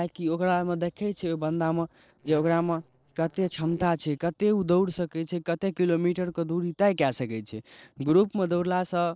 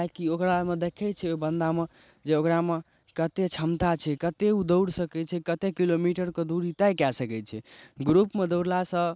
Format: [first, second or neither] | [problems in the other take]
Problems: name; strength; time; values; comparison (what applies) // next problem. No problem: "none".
second | noise reduction (neural separator model SepFormer DNS4)